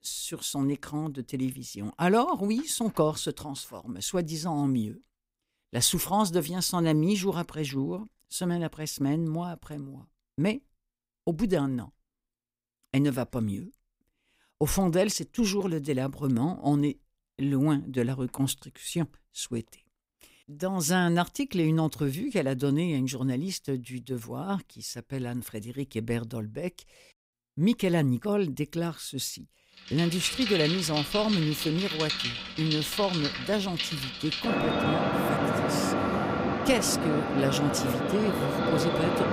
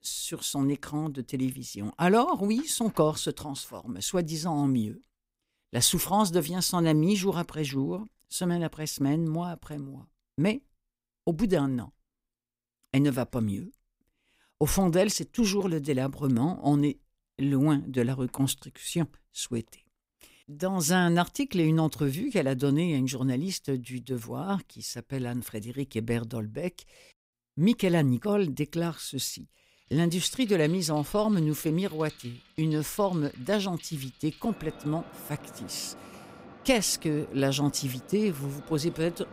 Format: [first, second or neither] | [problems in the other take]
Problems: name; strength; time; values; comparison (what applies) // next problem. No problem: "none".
second | traffic noise; loud; from 30 s on; as loud as the speech; faint in the second